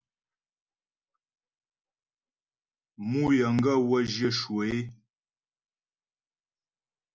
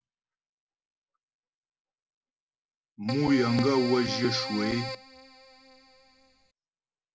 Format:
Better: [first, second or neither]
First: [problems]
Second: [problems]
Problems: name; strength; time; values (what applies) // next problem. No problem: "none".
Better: first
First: none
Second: background sound (Keyboard (musical)); 6 dB below the speech